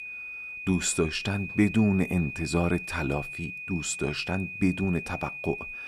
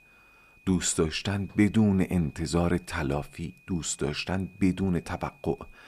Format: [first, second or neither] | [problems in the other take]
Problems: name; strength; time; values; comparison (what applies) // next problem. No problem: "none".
second | high-pitched whine; loud; throughout; 2.5 kHz, 8 dB below the speech; faint in the second